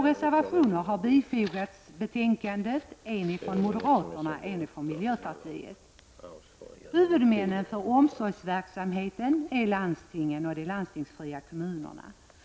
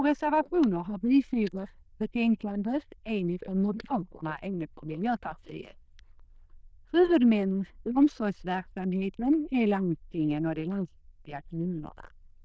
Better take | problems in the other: first | noise reduction (neural diffusion model UNIVERSE++)

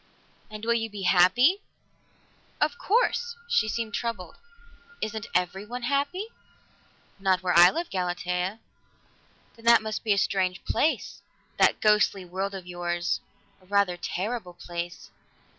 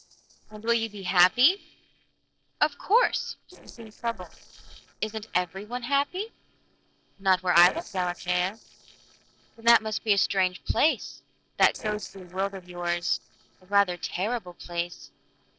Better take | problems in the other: first | noise reduction (neural separator model SepFormer DNS4)

